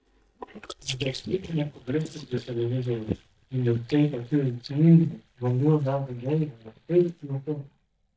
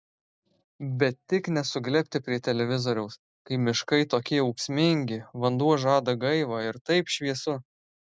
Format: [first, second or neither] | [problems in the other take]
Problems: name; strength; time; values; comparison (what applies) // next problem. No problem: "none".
second | noise reduction (neural mask model DeepFilterNet 3)